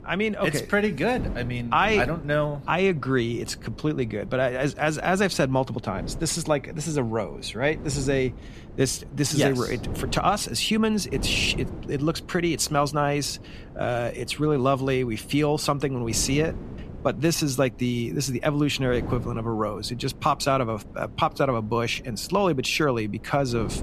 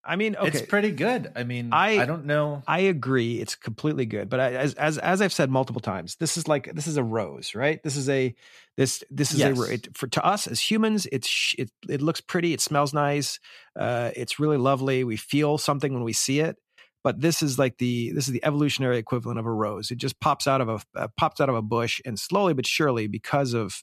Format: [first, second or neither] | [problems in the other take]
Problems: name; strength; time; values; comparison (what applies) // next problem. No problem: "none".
second | wind noise on the microphone; occasional gusts; 20 dB below the speech